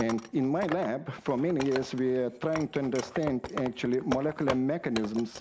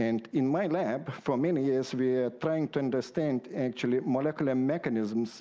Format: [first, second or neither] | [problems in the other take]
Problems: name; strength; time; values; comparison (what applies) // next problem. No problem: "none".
second | background sound (Wood); 11 dB below the speech